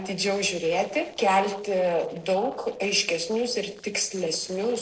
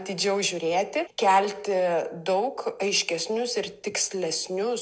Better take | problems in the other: second | noise reduction (neural separator model SepFormer DNS4)

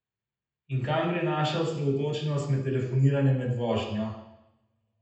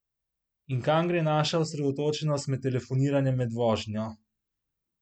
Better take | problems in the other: second | room echo; dies away in 0.9 s

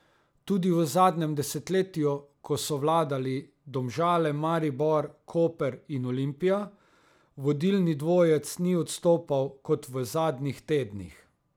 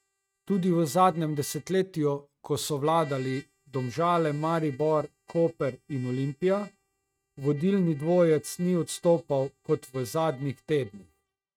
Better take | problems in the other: first | noise reduction (neural mask model RNNoise)

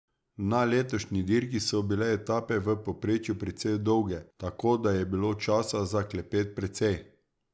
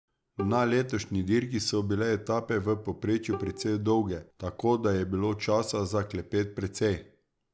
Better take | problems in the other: first | background sound (Bowed string instrument); 16 dB below the speech

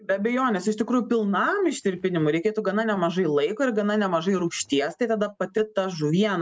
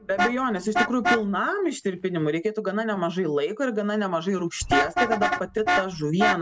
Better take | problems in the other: first | background sound (Vehicle horn, car horn, honking); 3 dB below the speech

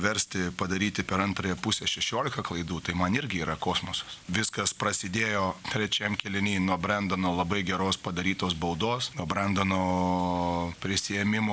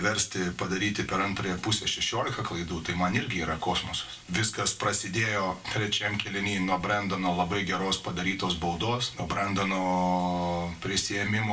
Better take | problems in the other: first | room echo; dies away in 0.2 s

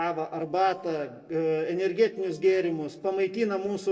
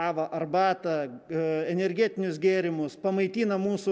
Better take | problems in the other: second | noise reduction (neural separator model SepFormer DNS4)

